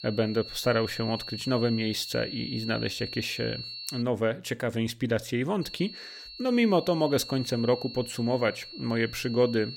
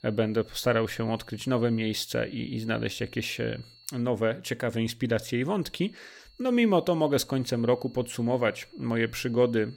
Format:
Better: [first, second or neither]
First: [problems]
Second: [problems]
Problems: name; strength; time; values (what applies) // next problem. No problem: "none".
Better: second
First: high-pitched whine; loud; until 4 s and from 5.5 s on; 4.5 kHz, 10 dB below the speech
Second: high-pitched whine; faint; until 4 s and from 5.5 s on; 4.5 kHz, 25 dB below the speech